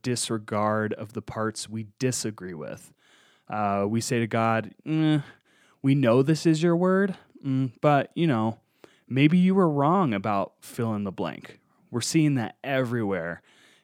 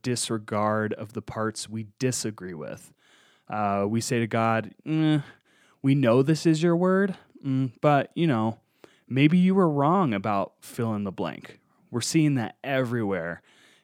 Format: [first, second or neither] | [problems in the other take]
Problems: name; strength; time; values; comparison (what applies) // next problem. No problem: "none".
neither | none